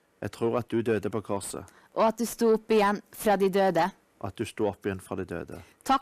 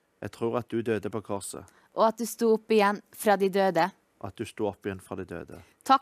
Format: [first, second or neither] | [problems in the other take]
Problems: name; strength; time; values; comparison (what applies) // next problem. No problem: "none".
second | distortion; slight; 10 dB below the speech